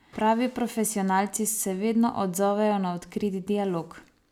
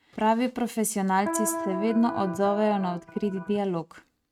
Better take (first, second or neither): first